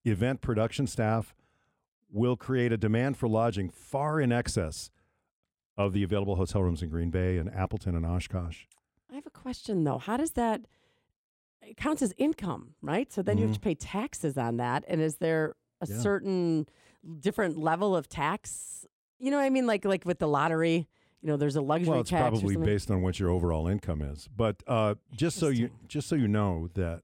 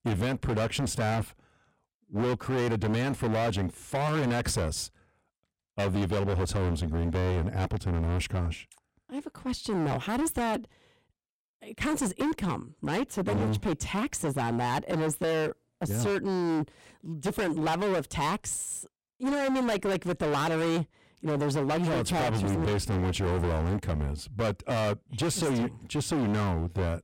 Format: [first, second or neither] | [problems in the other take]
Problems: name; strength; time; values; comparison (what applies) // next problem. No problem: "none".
first | distortion; heavy; 27% of the sound clipped